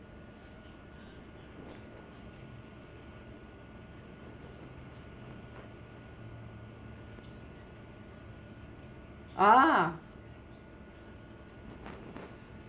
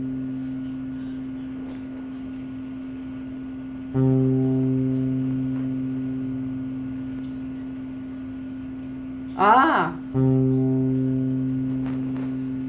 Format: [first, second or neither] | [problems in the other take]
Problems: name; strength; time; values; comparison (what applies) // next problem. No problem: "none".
first | background sound (Bass guitar); 5 dB above the speech